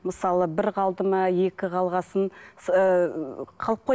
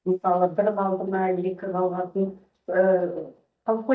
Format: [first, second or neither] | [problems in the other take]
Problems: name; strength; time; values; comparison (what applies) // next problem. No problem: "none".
first | noise reduction (neural mask model DeepFilterNet 3)